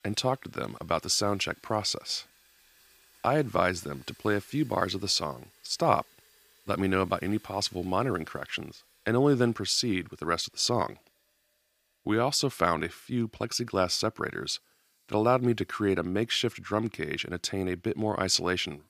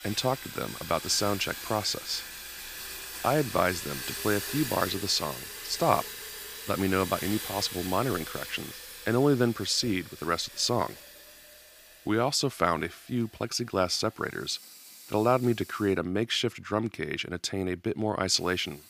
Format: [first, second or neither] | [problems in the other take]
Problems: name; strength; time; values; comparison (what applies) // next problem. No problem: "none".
first | household noises; loud; throughout; 9 dB below the speech; faint in the first